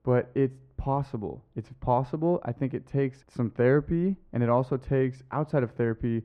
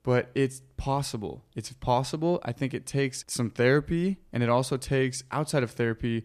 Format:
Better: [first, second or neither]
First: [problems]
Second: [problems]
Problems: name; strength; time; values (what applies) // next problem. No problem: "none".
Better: second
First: muffled; very; fading above 3 kHz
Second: none